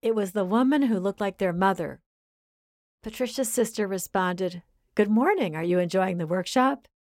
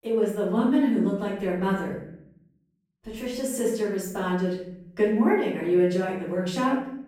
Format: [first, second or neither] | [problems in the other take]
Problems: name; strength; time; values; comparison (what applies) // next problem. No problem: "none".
first | off-mic speech; far // room echo; noticeable; dies away in 0.7 s